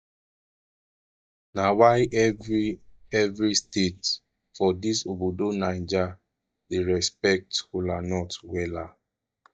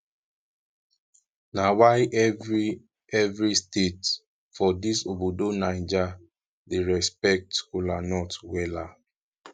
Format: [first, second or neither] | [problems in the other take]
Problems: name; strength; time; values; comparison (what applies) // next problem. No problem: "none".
second | noise reduction (neural mask model DeepFilterNet 3)